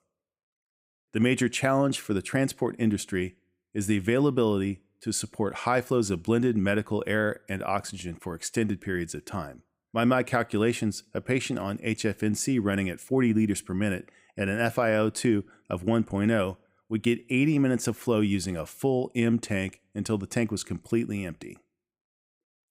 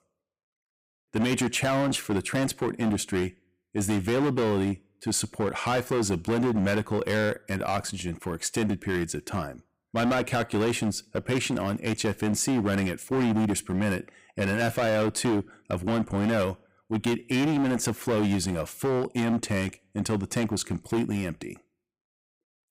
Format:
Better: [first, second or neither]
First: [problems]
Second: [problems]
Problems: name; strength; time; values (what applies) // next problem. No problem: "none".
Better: first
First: none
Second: distortion; heavy; 16% of the sound clipped